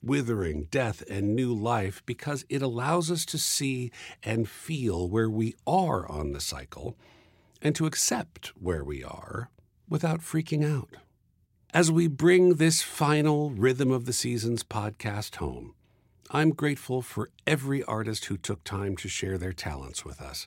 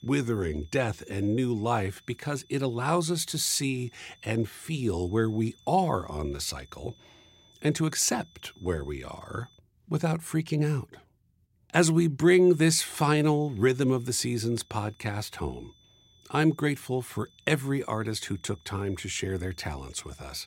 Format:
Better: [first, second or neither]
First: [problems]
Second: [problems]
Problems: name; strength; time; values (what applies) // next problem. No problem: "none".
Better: first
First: none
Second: high-pitched whine; faint; until 9.5 s and from 12 s on; 3.5 kHz, 30 dB below the speech